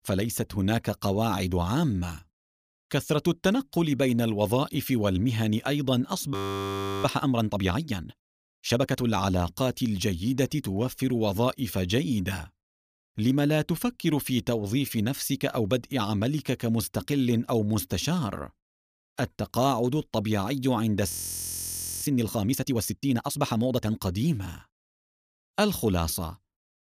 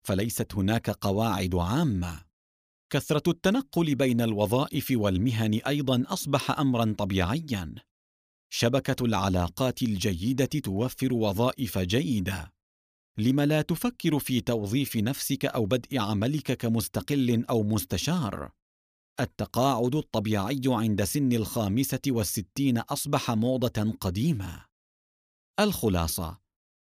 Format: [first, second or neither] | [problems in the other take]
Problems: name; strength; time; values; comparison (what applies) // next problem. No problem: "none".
second | audio freezing; at 6.5 s for 0.5 s and at 21 s for 1 s